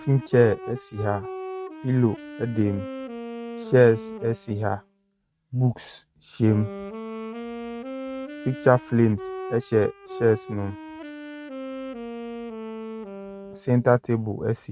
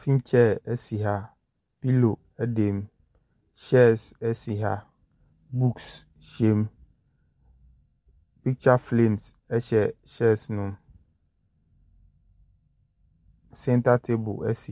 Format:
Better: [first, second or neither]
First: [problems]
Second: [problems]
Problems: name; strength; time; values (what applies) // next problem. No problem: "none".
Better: second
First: noise reduction (neural mask model RNNoise)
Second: none